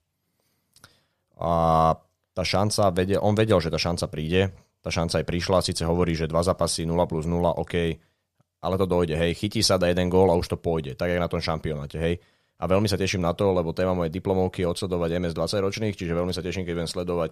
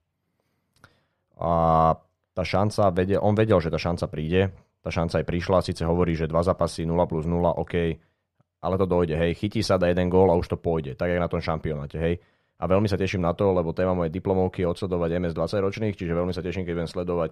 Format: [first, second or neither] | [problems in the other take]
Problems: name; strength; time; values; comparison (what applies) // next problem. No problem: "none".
first | muffled; slightly; fading above 3.5 kHz